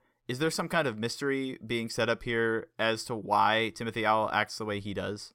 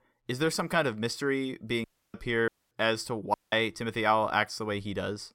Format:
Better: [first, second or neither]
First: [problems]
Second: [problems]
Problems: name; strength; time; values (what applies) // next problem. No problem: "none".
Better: first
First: none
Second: audio cutting out; at 2 s, at 2.5 s and at 3.5 s